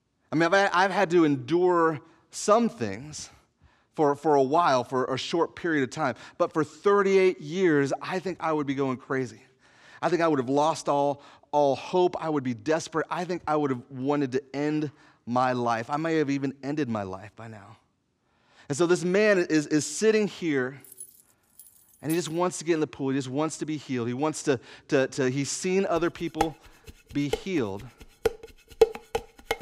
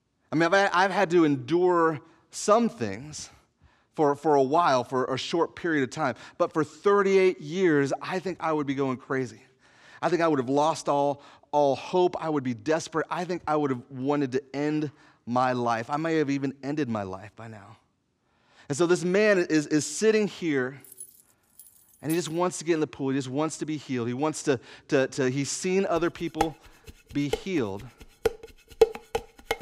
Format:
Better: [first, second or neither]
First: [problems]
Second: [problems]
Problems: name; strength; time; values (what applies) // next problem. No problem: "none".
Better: neither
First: jangling keys; faint; from 21 to 22 s; peak 15 dB below the speech // clattering dishes; loud; from 26 s on; peak 2 dB above the speech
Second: jangling keys; faint; from 21 to 22 s; peak 15 dB below the speech // clattering dishes; loud; from 26 s on; peak 2 dB above the speech